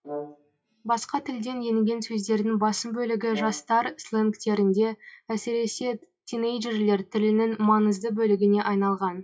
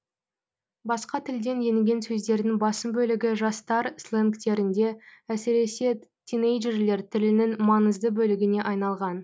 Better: second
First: noise reduction (classical method WPE with log-MMSE)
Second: none

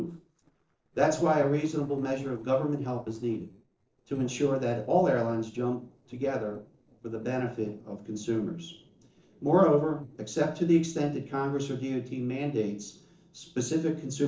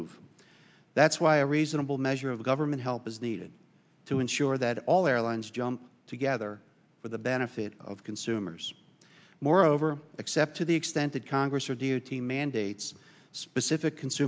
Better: second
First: noise reduction (neural separator model SepFormer DNS4)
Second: none

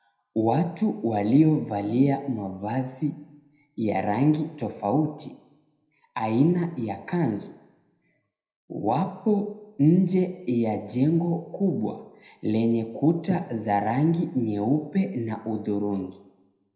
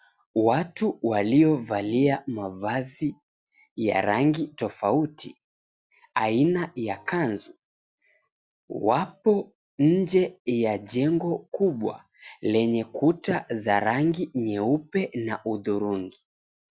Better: second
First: room echo; dies away in 0.7 s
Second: none

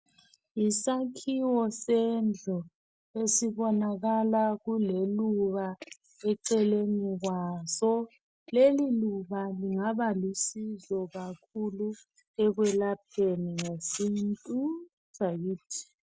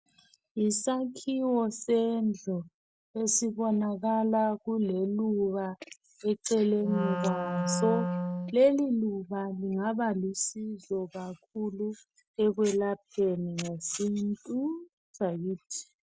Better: first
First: none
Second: background sound (Wind instrument, woodwind instrument); 2 dB below the speech

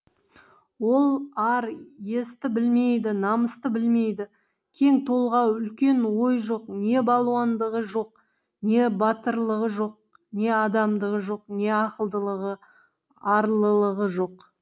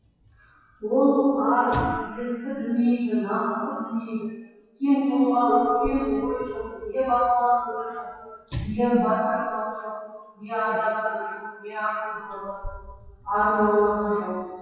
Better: first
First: none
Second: noise reduction (classical method WPE with log-MMSE)

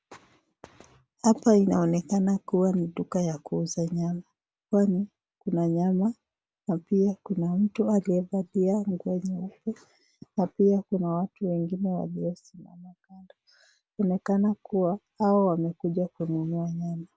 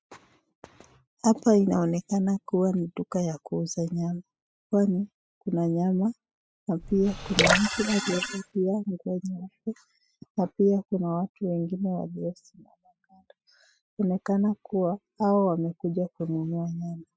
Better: first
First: none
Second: noise reduction (classical method spectral subtraction)

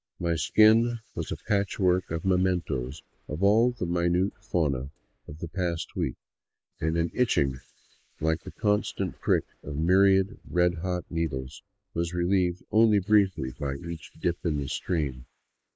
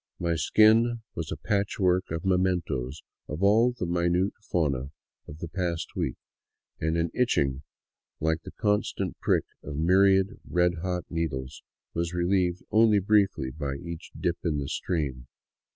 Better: second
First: noise reduction (neural mask model Resemble Enhance denoiser)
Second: none

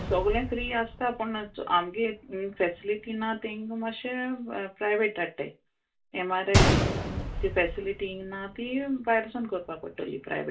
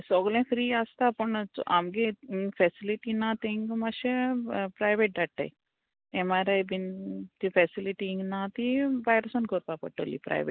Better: second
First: background sound (Gunshot, gunfire); 3 dB below the speech // room echo; dies away in 0.2 s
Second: none

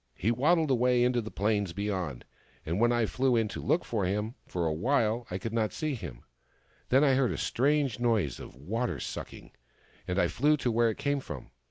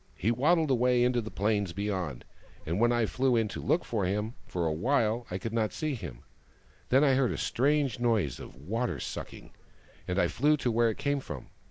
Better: first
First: none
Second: noise reduction (neural mask model Resemble Enhance denoiser)

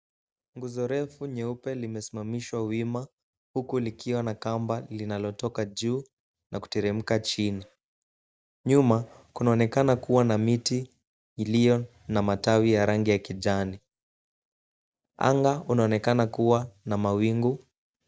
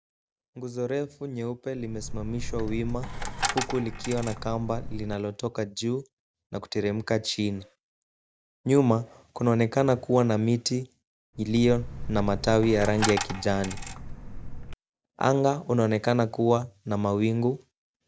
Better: first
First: none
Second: background sound (Coin (dropping)); 6 dB below the speech

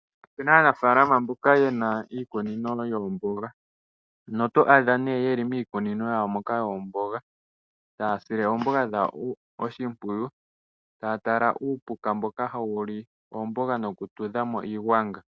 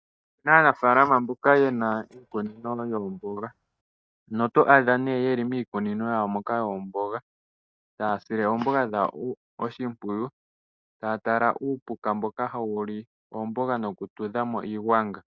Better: first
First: none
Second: noise reduction (neural mask model DeepFilterNet 3)

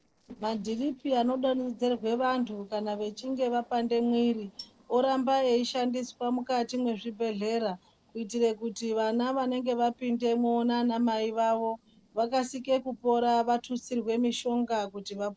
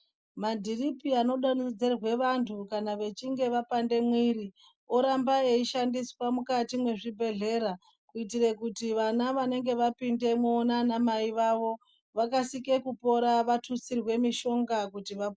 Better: second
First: noise reduction (neural separator model SepFormer DNS4)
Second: none

